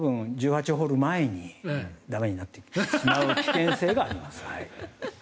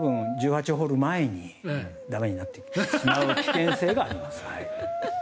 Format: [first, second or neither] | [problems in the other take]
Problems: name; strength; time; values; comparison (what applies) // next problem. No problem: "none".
first | background sound (Brass instrument); 10 dB below the speech